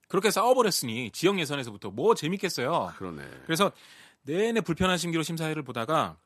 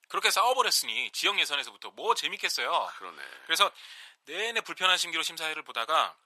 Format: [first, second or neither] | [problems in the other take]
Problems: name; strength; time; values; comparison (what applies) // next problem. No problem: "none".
first | thin; very; fading below 900 Hz